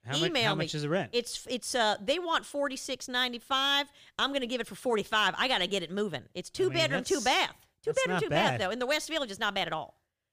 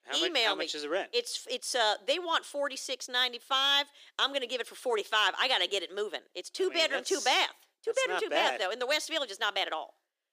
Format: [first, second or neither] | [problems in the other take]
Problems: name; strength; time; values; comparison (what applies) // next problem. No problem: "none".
first | thin; somewhat; fading below 350 Hz